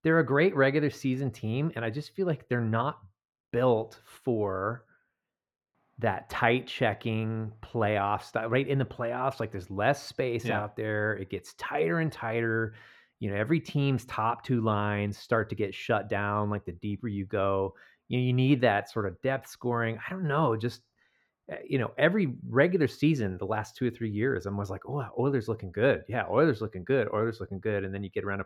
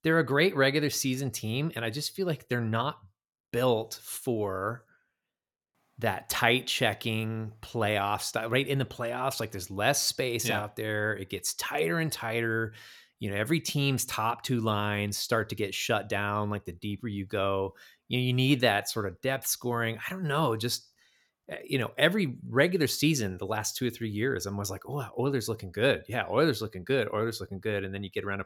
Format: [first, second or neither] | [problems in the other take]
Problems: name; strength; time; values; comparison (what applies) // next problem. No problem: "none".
second | muffled; very; fading above 3.5 kHz